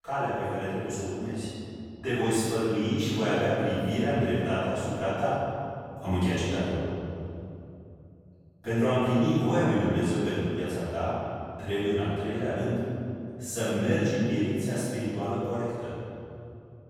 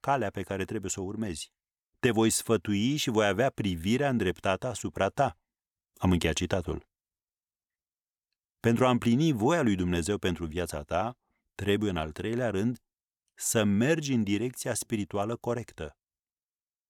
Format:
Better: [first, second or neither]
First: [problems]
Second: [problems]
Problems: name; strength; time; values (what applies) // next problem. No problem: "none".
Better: second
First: room echo; strong; dies away in 2.7 s // off-mic speech; far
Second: none